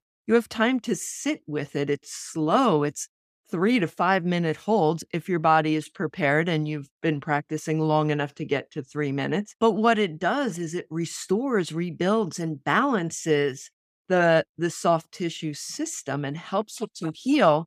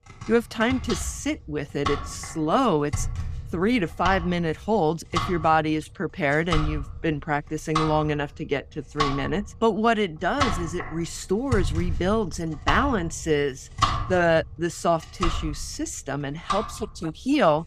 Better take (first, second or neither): first